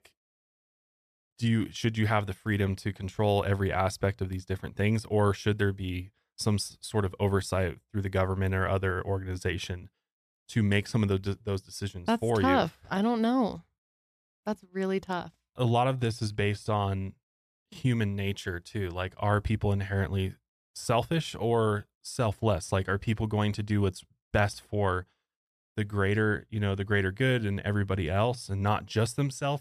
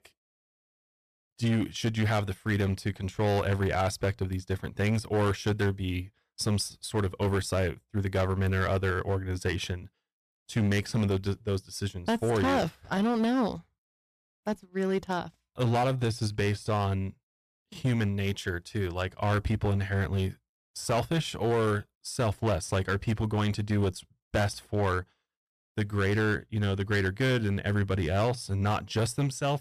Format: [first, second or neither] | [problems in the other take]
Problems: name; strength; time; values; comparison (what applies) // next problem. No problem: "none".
first | distortion; slight; 9% of the sound clipped